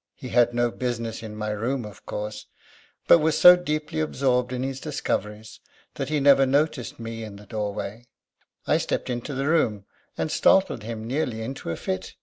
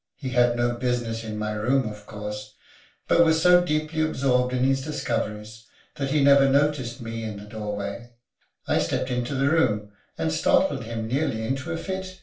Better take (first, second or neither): first